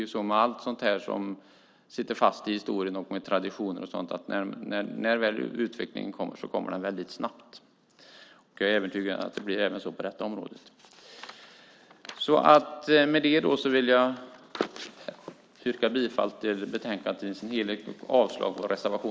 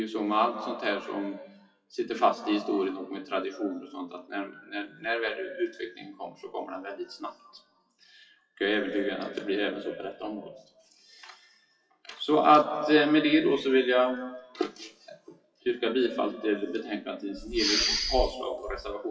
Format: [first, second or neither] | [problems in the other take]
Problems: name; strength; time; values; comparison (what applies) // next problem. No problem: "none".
first | noise reduction (classical method WPE with log-MMSE)